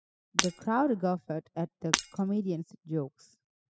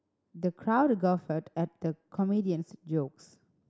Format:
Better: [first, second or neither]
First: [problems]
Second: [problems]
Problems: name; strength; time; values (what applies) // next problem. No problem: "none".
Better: second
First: noise reduction (classical method spectral subtraction)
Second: none